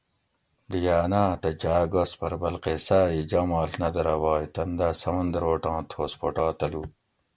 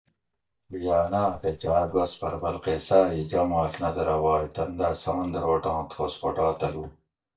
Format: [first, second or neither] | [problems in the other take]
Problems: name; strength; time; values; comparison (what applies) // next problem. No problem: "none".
first | noise reduction (neural mask model DeepFilterNet 3)